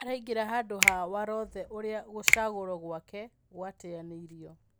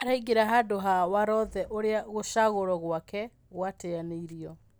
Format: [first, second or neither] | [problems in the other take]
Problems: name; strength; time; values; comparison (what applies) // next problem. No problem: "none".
second | background sound (Finger snapping); 4 dB above the speech